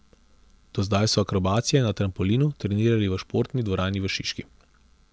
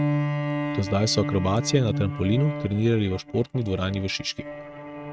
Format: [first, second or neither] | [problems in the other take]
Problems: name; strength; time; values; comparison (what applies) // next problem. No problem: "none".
first | noise reduction (neural mask model RNNoise)